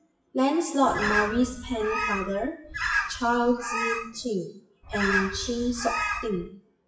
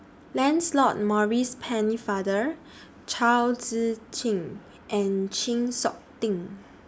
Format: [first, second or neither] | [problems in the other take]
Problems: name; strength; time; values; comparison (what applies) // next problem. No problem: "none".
second | noise reduction (classical method WPE with log-MMSE)